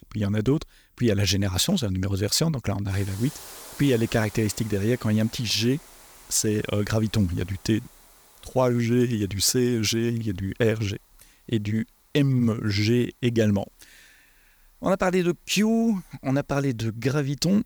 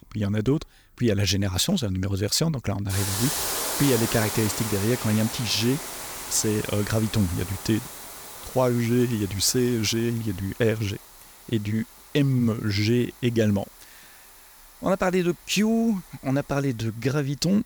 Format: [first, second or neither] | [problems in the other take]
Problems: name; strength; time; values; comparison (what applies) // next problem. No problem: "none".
first | hiss; loud; throughout; 6 dB below the speech; faint in the first